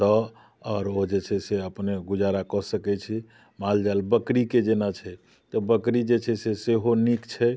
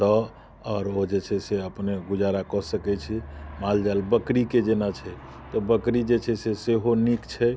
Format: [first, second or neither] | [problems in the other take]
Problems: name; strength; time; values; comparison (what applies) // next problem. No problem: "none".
first | background sound (Aircraft); 18 dB below the speech